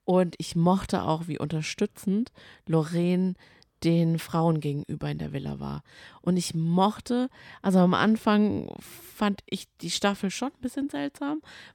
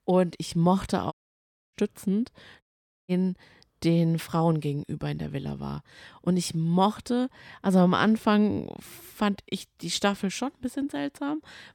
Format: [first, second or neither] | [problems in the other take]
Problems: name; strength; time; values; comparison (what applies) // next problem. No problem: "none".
first | audio cutting out; at 1 s for 0.5 s and at 2.5 s